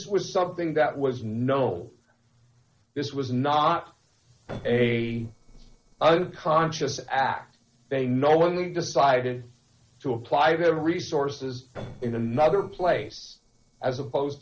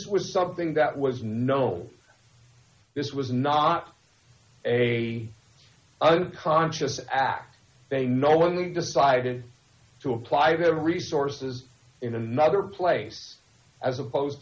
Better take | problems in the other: second | noise reduction (neural separator model SepFormer DNS4)

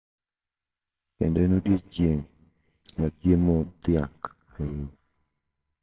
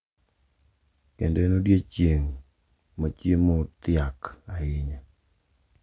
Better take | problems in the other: second | noise reduction (neural separator model SepFormer WHAMR!)

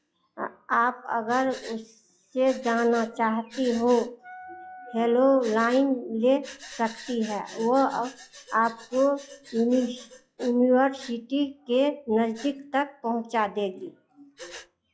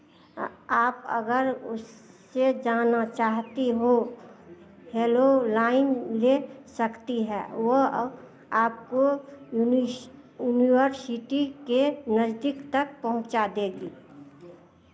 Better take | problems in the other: second | noise reduction (classical method log-MMSE)

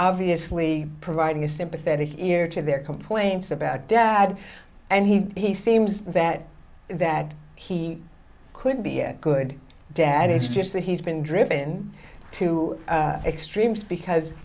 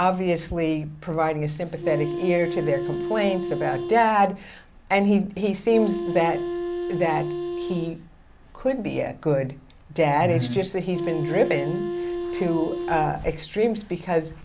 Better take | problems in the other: first | background sound (Wind instrument, woodwind instrument); 6 dB below the speech

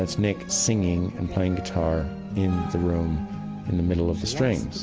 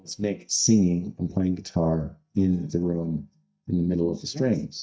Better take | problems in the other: first | noise reduction (neural mask model DeepFilterNet 3)

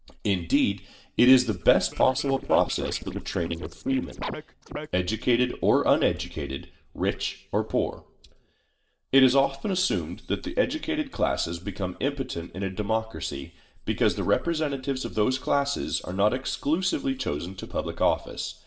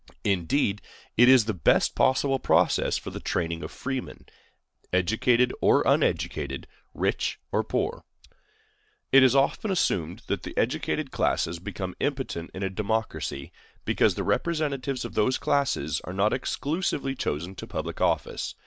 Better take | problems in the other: second | noise reduction (neural separator model SepFormer DNS4)

